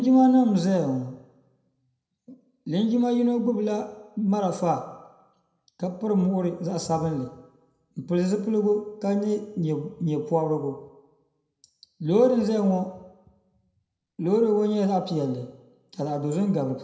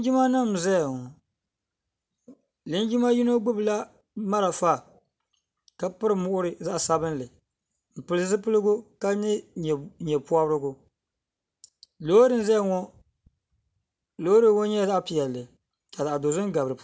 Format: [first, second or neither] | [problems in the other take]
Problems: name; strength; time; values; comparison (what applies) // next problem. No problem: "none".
second | room echo; dies away in 0.7 s